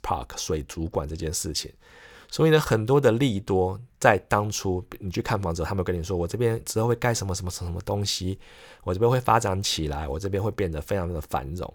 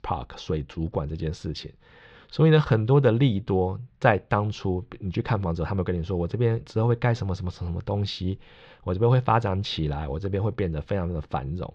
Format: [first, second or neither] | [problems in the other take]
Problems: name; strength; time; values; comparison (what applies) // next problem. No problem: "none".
first | muffled; slightly; fading above 4 kHz